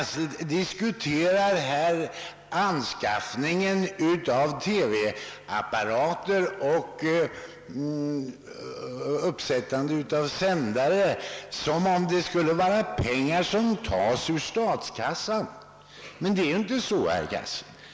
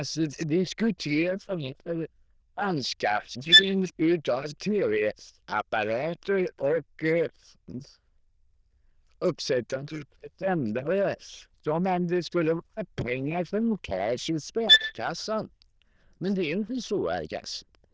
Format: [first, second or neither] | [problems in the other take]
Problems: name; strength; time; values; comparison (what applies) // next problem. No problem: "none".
first | noise reduction (neural diffusion model UNIVERSE++)